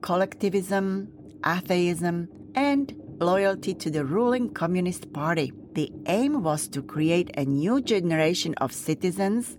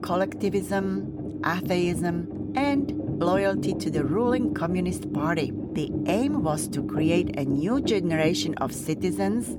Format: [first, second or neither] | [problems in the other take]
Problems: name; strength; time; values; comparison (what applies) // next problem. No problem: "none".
first | low rumble; loud; throughout; 7 dB below the speech; faint in the first